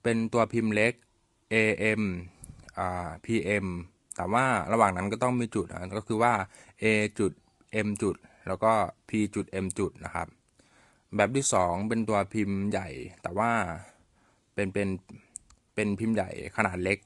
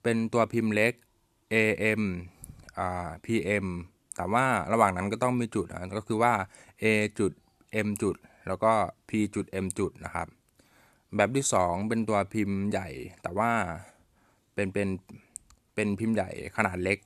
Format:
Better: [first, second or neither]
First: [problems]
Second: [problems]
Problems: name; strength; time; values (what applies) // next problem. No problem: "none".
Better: second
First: garbled, watery; slightly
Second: none